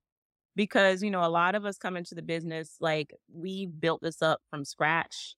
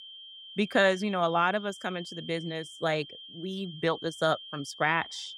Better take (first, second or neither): first